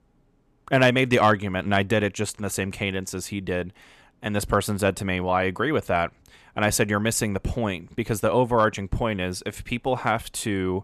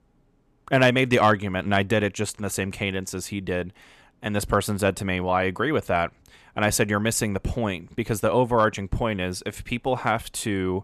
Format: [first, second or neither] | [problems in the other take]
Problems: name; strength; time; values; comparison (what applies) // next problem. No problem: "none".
neither | none